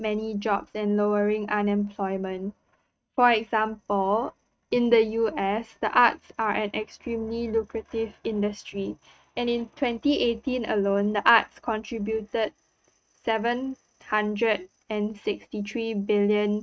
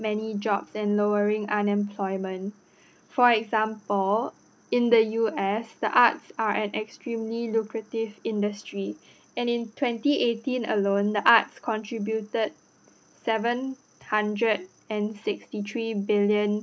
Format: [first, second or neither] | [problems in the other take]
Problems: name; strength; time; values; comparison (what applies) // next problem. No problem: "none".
second | noise reduction (neural mask model RNNoise)